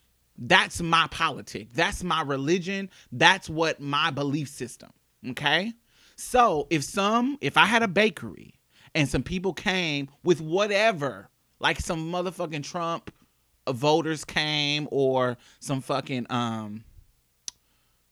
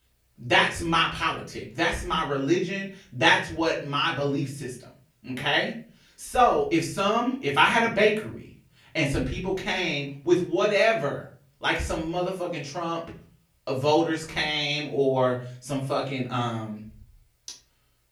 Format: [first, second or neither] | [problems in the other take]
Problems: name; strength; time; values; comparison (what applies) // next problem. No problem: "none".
first | off-mic speech; far // room echo; slight; dies away in 0.4 s